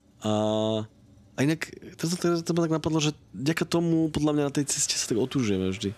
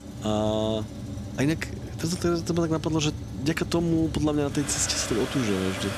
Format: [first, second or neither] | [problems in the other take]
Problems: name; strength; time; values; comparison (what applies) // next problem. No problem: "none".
first | traffic noise; loud; throughout; 9 dB below the speech; faint in the first